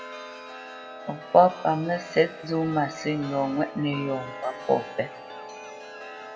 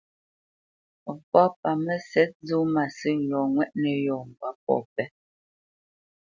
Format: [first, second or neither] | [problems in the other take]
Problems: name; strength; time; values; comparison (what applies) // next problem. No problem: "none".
second | background sound (Chime); 13 dB below the speech // room echo; dies away in 1.1 s